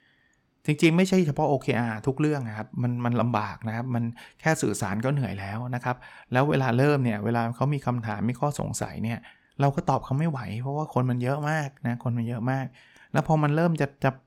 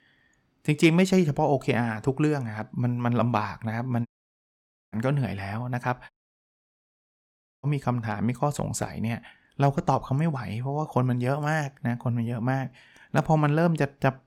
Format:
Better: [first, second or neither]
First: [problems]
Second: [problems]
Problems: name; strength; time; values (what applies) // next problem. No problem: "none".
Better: first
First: none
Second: audio cutting out; at 4 s for 1 s and at 6 s for 1.5 s